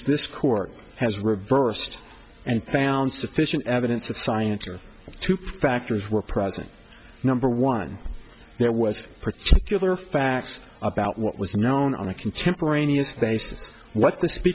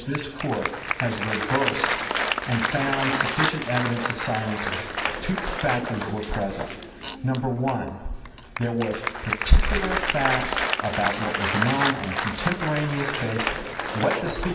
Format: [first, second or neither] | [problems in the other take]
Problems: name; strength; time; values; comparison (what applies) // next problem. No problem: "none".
first | background sound (Applause); 2 dB below the speech // room echo; dies away in 2.1 s